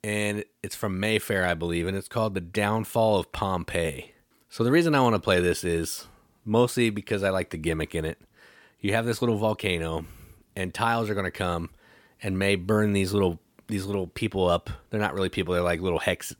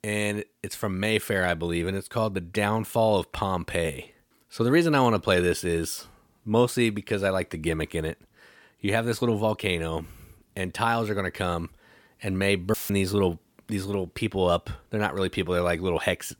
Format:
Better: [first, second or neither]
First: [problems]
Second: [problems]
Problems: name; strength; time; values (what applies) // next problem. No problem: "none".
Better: first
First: none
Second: audio cutting out; filled with static; at 13 s